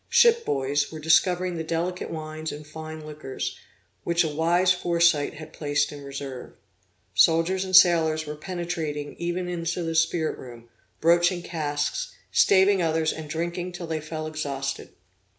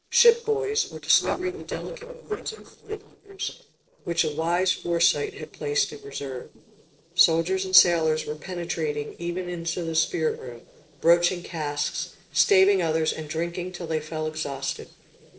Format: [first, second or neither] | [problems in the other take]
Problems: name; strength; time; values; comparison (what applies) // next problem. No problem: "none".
first | noise reduction (neural separator model SepFormer DNS4)